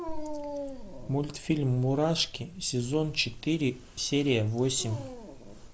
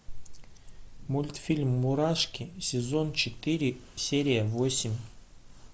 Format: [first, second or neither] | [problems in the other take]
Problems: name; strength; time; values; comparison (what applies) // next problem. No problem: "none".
second | background sound (Dog); 14 dB below the speech